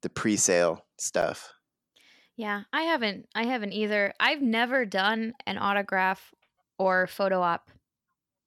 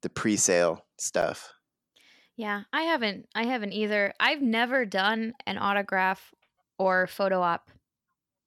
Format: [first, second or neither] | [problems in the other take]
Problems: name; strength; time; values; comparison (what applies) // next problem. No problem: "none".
neither | none